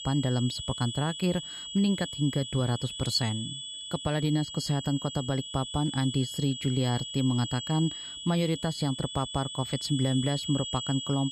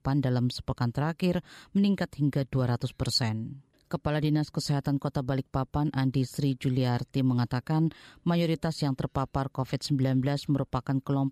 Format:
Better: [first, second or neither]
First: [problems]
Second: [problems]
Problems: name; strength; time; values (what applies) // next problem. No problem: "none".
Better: second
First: high-pitched whine; loud; throughout; 3.5 kHz, 7 dB below the speech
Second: none